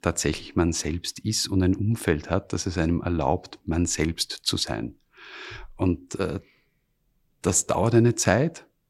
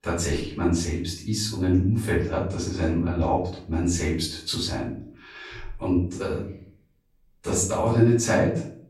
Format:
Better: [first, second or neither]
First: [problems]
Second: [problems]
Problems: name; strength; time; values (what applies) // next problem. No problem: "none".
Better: first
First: none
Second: off-mic speech; far // room echo; noticeable; dies away in 0.4 s